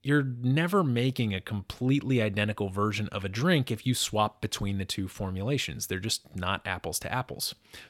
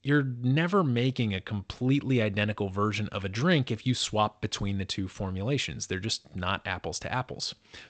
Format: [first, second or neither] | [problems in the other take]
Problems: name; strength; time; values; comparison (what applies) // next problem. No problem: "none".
first | garbled, watery; slightly; nothing above 8 kHz